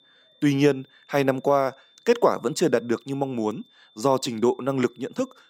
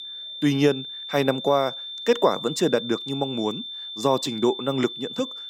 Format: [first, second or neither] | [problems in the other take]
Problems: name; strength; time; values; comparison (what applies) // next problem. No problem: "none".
first | high-pitched whine; loud; throughout; 3.5 kHz, 8 dB below the speech; faint in the first